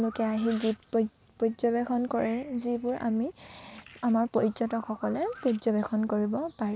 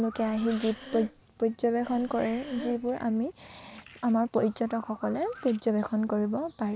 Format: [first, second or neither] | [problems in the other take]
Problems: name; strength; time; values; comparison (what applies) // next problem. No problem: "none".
first | background sound (Breathing); 15 dB below the speech